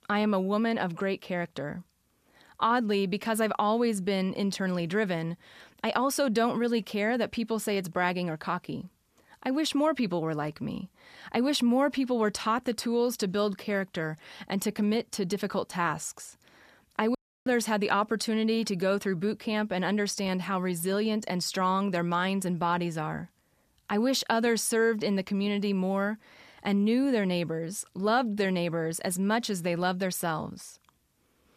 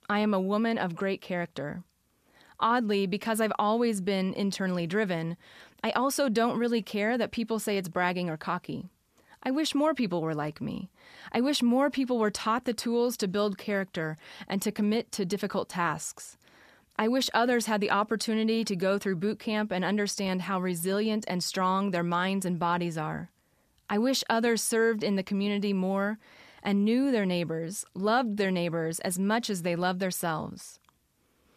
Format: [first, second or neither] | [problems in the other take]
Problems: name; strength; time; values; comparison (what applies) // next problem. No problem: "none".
second | audio cutting out; at 17 s